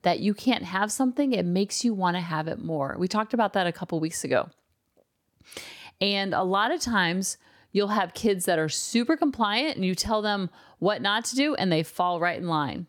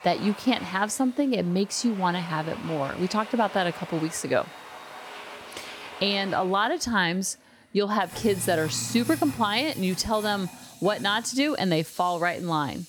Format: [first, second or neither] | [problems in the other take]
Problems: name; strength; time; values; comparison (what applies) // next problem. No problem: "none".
first | household noises; noticeable; throughout; 15 dB below the speech